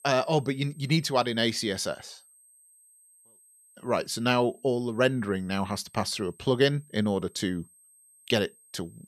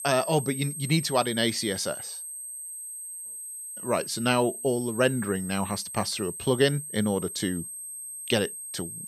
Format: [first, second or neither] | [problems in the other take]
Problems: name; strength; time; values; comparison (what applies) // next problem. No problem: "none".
first | high-pitched whine; loud; throughout; 8.5 kHz, 8 dB below the speech; faint in the first